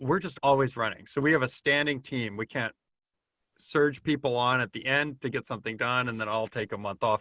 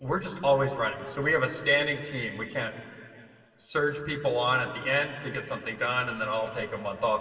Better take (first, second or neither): first